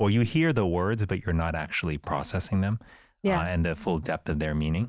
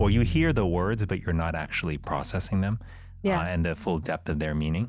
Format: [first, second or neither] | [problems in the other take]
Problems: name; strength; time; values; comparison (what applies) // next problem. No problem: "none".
first | background sound (Bowed string instrument); 9 dB below the speech